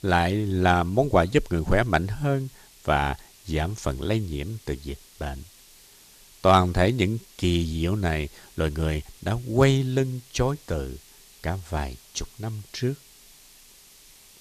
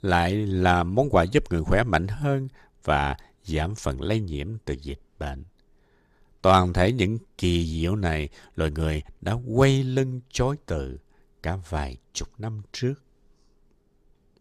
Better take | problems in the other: second | hiss; faint; throughout; 25 dB below the speech

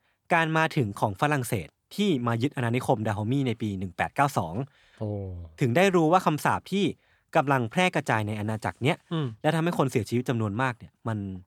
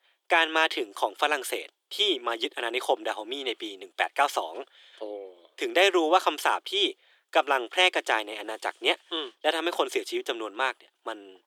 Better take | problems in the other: first | thin; very; fading below 350 Hz

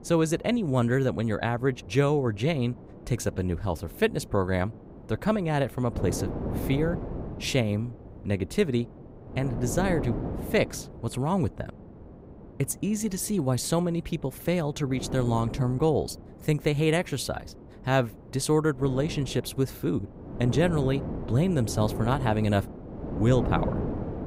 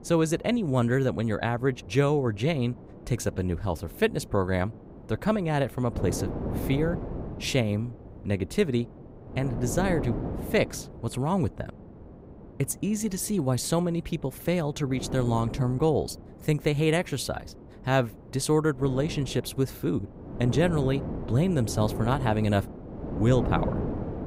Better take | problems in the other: neither | wind noise on the microphone; occasional gusts; 10 dB below the speech; the same in both

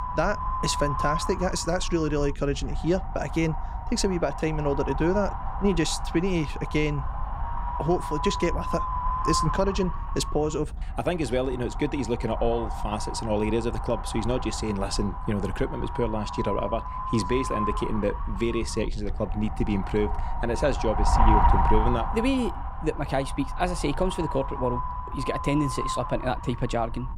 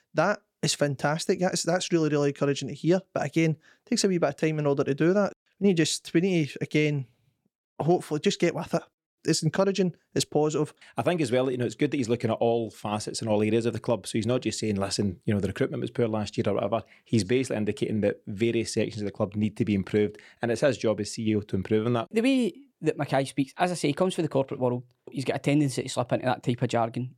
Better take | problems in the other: second | wind noise on the microphone; heavy; 1 dB below the speech

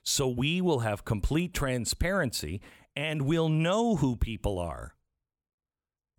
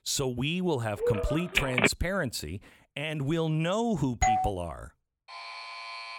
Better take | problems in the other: first | phone ringing; loud; at 1 s; peak 6 dB above the speech // doorbell; loud; at 4 s; peak 4 dB above the speech // alarm; noticeable; at 5.5 s; peak 8 dB below the speech

